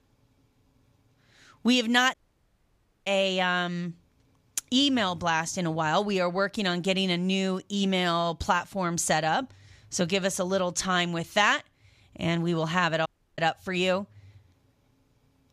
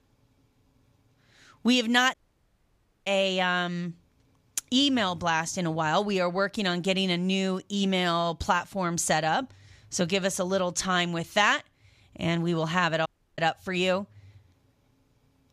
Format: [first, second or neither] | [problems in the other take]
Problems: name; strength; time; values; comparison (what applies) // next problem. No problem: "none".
neither | audio cutting out; at 2 s for 1 s and at 13 s; the same in both